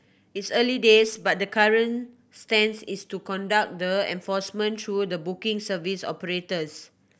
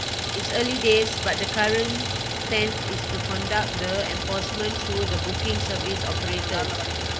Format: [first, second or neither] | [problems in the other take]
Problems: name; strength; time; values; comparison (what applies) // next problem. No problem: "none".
first | background sound (Idling); as loud as the speech